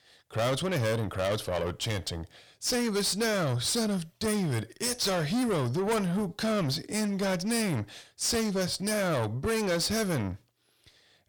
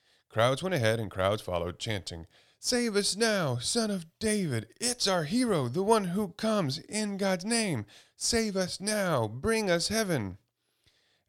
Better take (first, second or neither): second